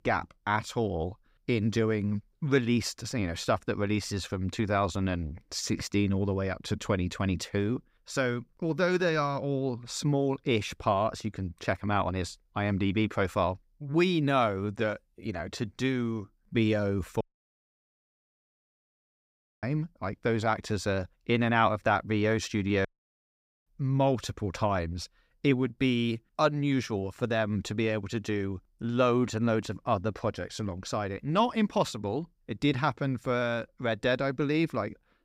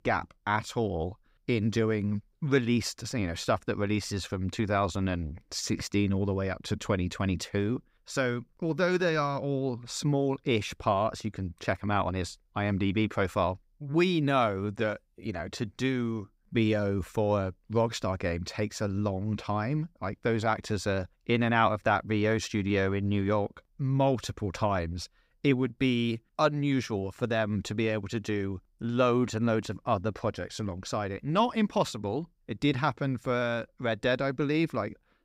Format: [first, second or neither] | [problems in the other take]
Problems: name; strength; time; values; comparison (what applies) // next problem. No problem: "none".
second | audio cutting out; at 17 s for 2.5 s and at 23 s for 1 s